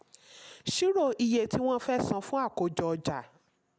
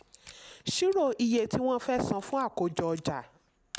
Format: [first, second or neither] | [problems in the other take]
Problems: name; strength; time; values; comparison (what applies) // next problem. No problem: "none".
first | background sound (Camera); 19 dB below the speech